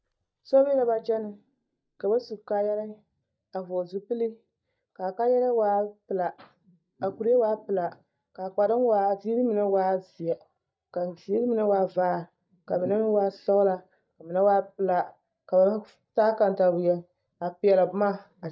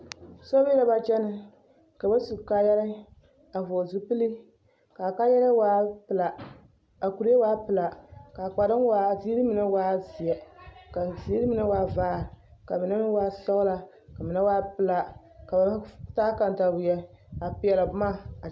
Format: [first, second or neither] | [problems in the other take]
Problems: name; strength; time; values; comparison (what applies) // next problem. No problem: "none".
second | noise reduction (neural mask model DeepFilterNet 3)